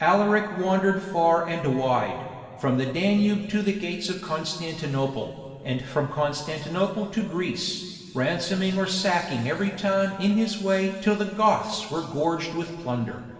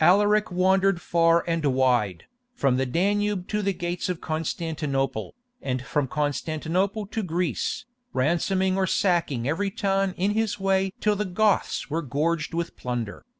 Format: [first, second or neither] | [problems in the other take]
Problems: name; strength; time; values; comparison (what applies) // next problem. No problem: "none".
second | room echo; dies away in 2.2 s